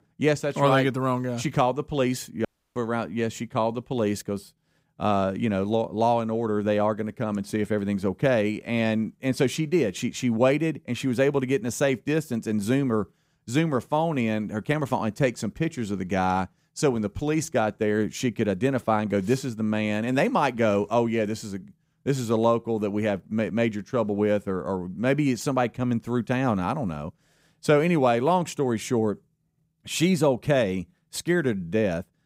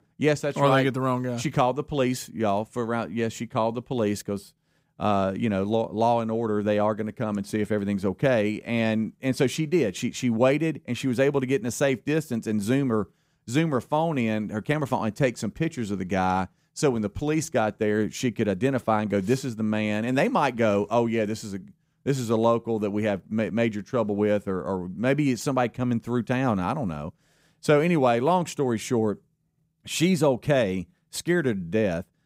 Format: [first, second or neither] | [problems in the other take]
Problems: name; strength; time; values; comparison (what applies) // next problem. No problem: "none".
second | audio cutting out; at 2.5 s